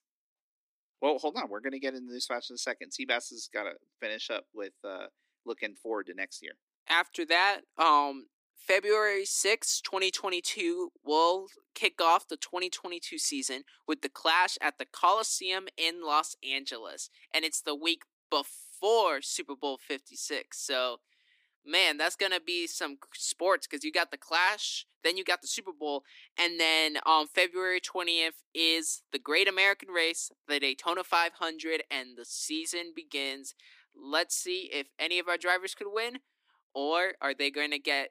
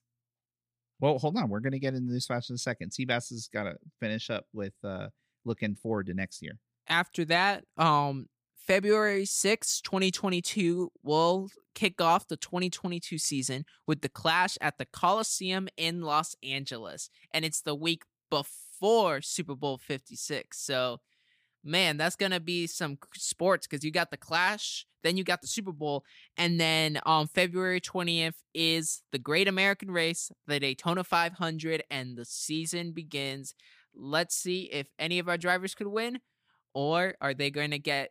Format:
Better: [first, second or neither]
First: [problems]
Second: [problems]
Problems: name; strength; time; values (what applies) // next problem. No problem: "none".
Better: second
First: thin; somewhat; fading below 300 Hz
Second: none